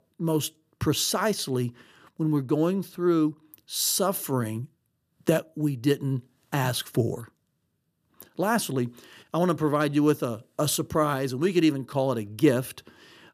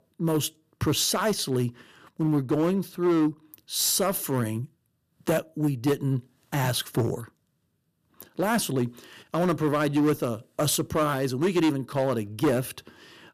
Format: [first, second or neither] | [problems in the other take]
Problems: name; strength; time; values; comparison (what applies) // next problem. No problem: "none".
first | distortion; slight; 6% of the sound clipped